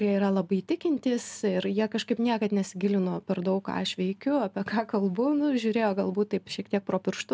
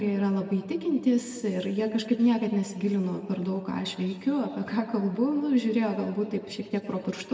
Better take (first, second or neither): first